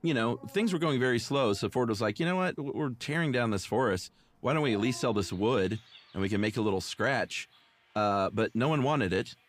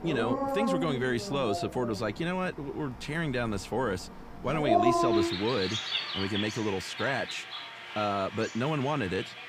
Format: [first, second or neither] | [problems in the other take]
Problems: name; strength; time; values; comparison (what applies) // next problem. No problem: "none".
first | animal sounds; loud; throughout; 1 dB below the speech; faint in the first